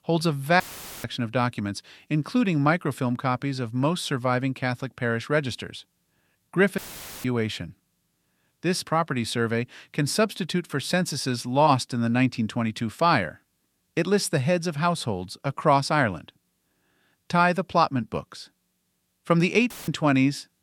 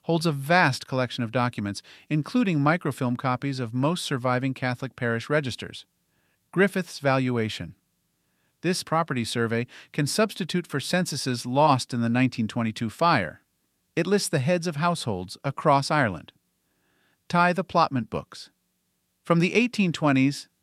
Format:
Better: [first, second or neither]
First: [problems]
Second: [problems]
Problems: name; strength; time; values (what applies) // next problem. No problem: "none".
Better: second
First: audio cutting out; filled with static; at 0.5 s, at 7 s and at 20 s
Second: none